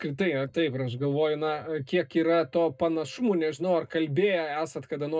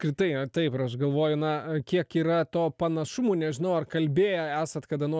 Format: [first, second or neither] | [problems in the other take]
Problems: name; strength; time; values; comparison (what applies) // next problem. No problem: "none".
second | noise reduction (neural mask model DeepFilterNet 3)